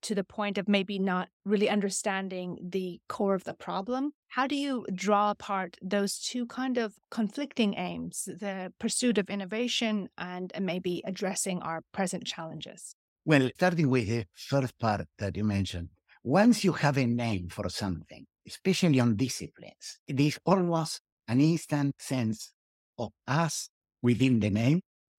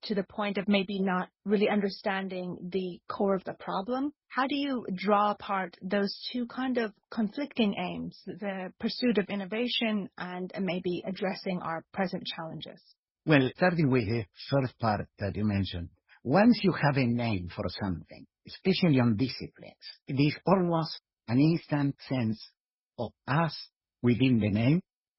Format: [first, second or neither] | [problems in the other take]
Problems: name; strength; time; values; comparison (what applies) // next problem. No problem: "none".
first | garbled, watery; badly; nothing above 5.5 kHz